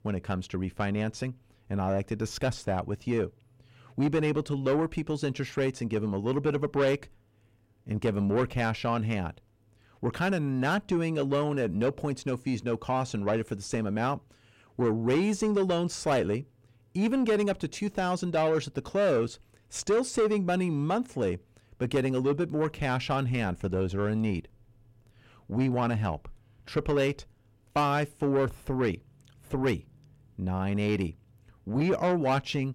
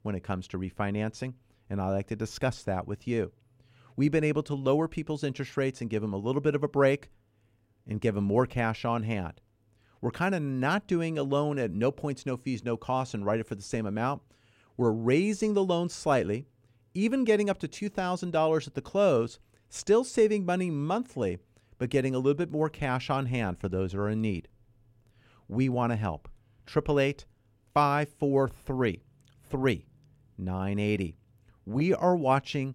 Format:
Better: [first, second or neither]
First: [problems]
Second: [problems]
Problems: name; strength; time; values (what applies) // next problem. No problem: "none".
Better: second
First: distortion; slight; 10 dB below the speech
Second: none